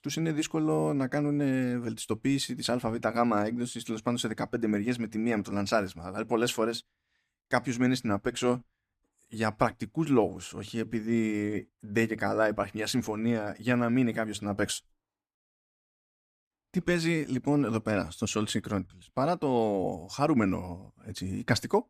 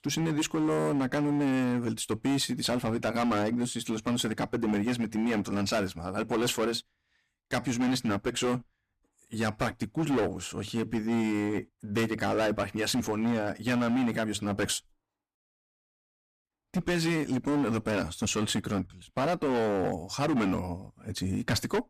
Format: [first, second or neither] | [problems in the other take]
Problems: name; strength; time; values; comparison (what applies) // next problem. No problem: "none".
first | distortion; heavy; 14% of the sound clipped